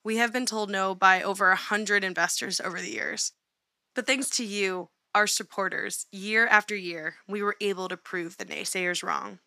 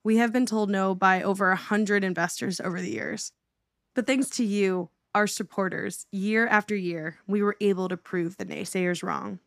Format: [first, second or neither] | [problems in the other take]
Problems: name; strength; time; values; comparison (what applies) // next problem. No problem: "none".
second | thin; somewhat; fading below 900 Hz